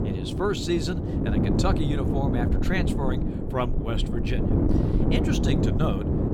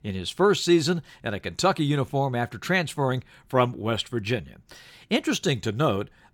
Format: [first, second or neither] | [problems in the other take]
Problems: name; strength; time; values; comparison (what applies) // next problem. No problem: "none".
second | wind noise on the microphone; heavy; 1 dB below the speech